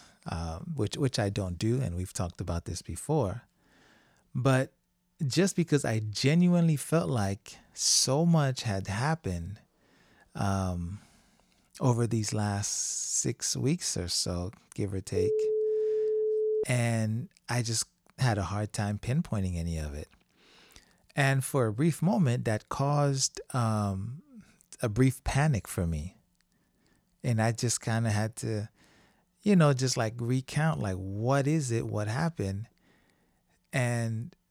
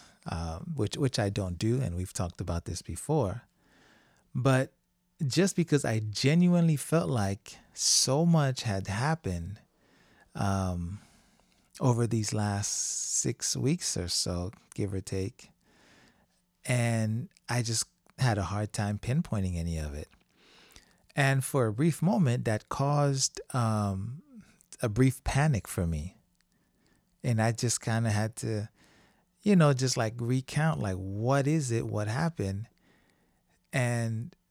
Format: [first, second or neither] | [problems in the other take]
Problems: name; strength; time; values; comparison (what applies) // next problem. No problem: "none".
second | phone ringing; loud; from 15 to 17 s; peak 1 dB above the speech